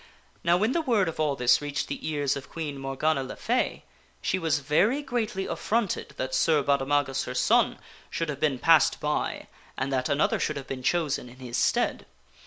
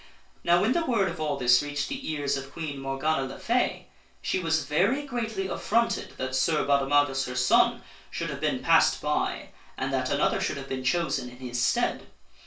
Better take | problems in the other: first | room echo; dies away in 0.2 s

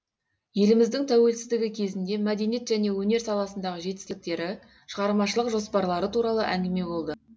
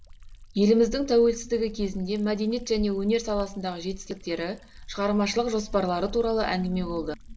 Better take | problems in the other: first | background sound (Liquid); 15 dB below the speech

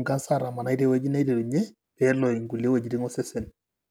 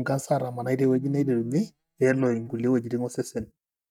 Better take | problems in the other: first | noise reduction (neural mask model DeepFilterNet 3)

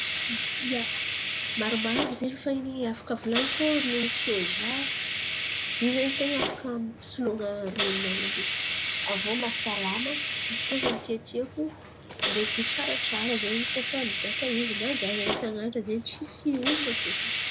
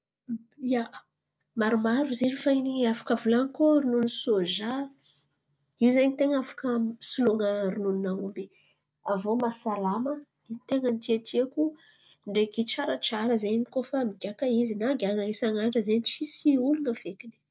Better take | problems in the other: second | background sound (Hiss); 1 dB above the speech

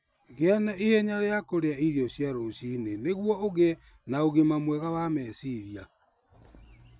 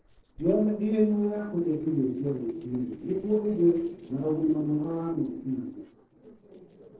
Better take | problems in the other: first | noise reduction (neural separator model SepFormer DNS4)

